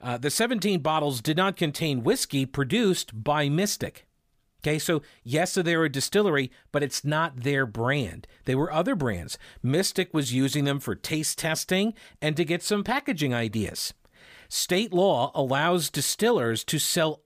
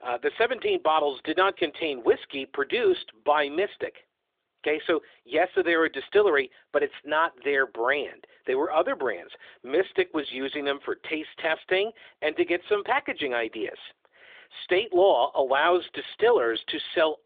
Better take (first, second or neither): first